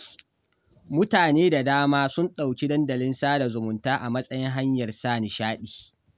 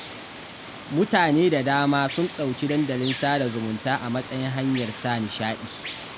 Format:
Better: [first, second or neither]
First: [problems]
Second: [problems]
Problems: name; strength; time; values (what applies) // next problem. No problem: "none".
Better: first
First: none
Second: background sound (Water); 13 dB below the speech